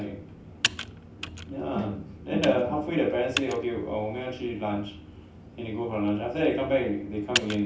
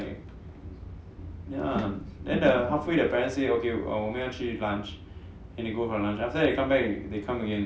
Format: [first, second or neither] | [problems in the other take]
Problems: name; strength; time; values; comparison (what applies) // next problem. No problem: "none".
second | background sound (Computer keyboard); 9 dB below the speech // room echo; dies away in 0.3 s